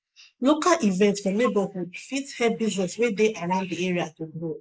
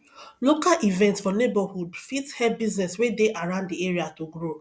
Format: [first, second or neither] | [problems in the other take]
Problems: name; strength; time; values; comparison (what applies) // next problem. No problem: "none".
second | noise reduction (neural mask model Resemble Enhance denoiser)